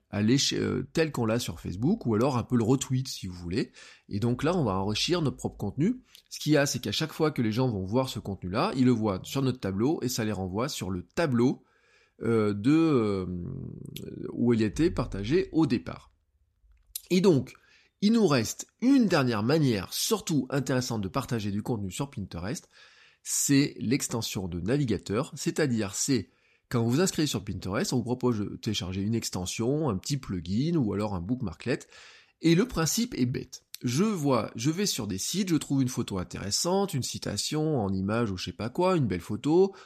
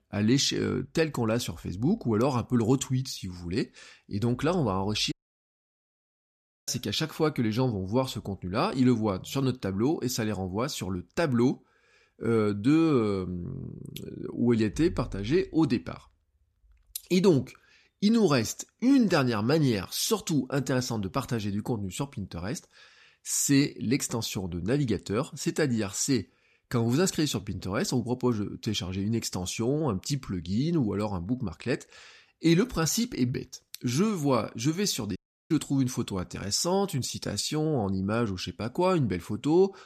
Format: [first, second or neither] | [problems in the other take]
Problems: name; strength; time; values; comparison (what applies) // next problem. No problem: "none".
first | audio cutting out; at 5 s for 1.5 s and at 35 s